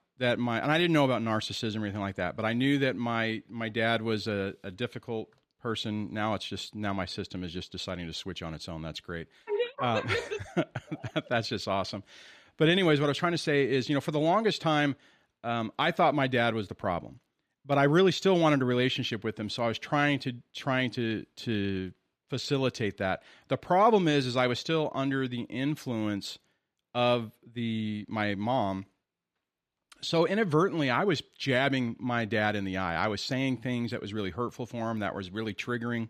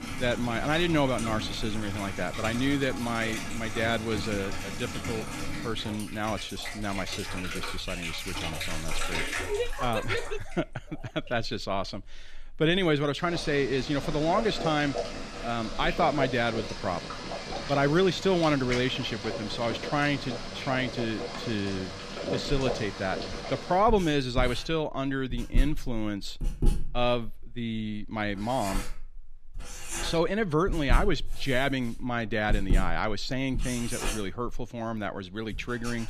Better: first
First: none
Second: household noises; loud; throughout; 6 dB below the speech

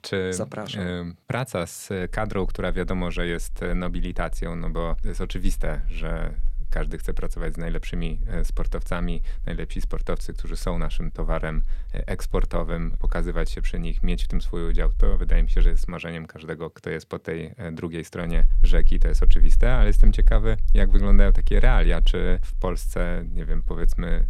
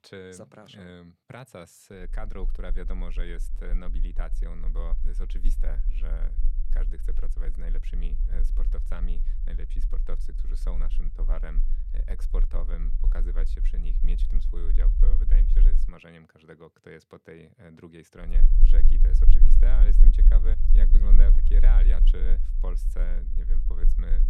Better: first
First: low rumble; faint; from 2 to 16 s and from 18 s on; 25 dB below the speech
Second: low rumble; loud; from 2 to 16 s and from 18 s on; 7 dB below the speech

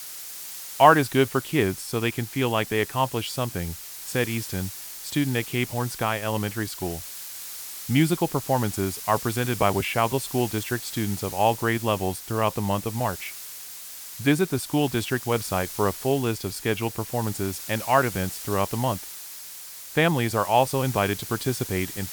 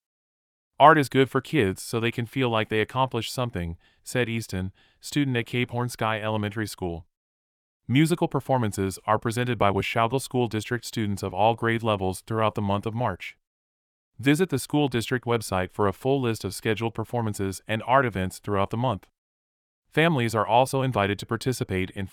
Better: second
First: hiss; loud; throughout; 10 dB below the speech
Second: none

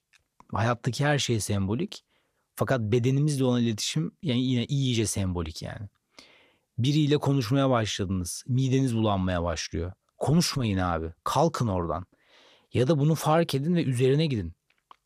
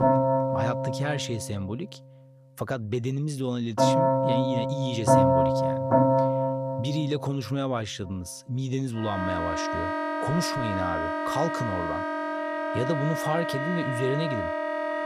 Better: first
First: none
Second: background music; very loud; throughout; 4 dB above the speech

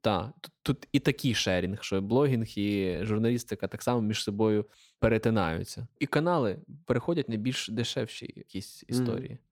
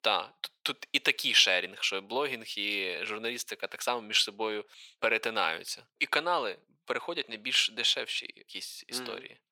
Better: first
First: none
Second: thin; very; fading below 700 Hz

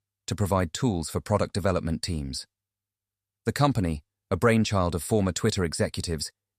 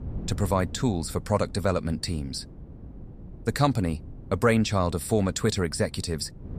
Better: first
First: none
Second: wind noise on the microphone; occasional gusts; 25 dB below the speech

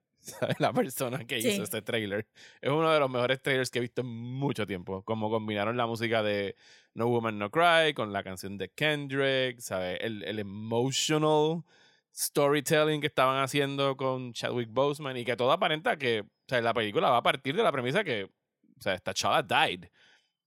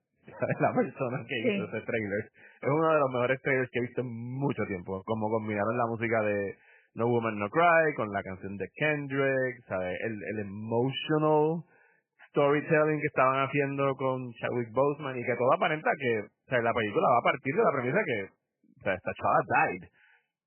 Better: first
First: none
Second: garbled, watery; badly; nothing above 3 kHz

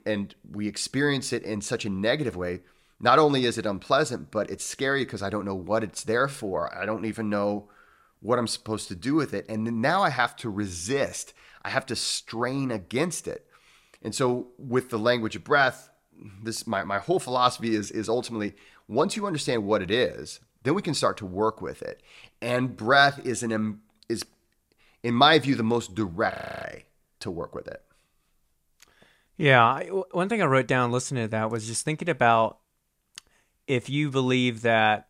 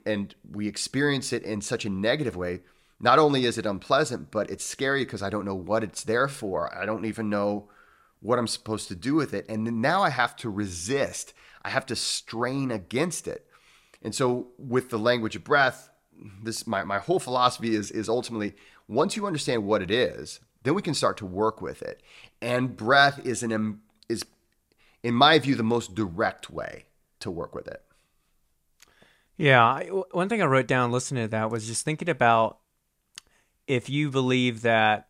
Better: second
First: audio freezing; at 26 s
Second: none

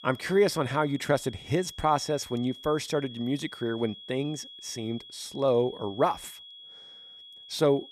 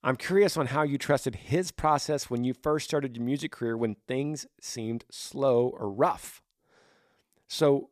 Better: second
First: high-pitched whine; noticeable; throughout; 3.5 kHz, 15 dB below the speech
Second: none

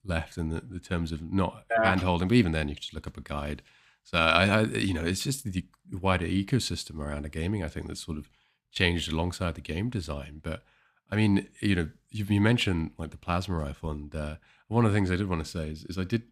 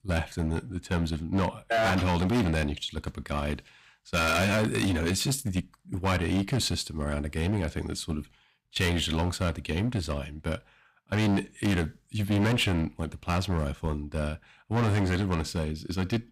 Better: first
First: none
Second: distortion; heavy; 12% of the sound clipped

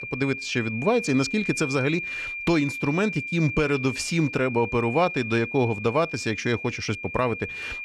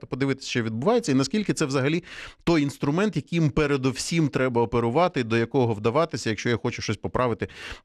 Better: second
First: high-pitched whine; loud; throughout; 2.5 kHz, 7 dB below the speech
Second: none

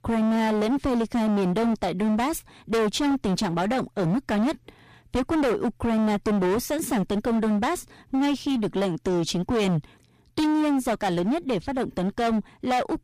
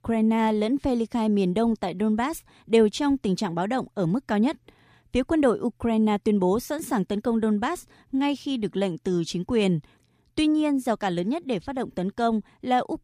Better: second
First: distortion; heavy; 27% of the sound clipped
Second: none

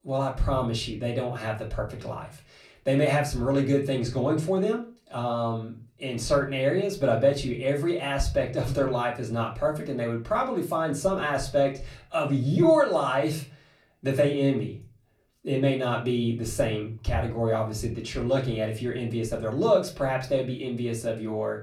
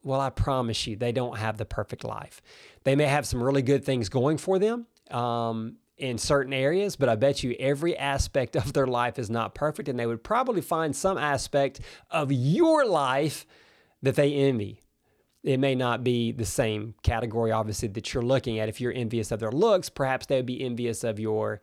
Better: second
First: off-mic speech; far // room echo; very slight; dies away in 0.3 s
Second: none

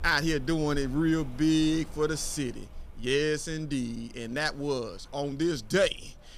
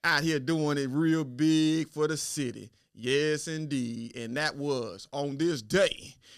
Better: second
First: rain or running water; faint; throughout; 20 dB below the speech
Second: none

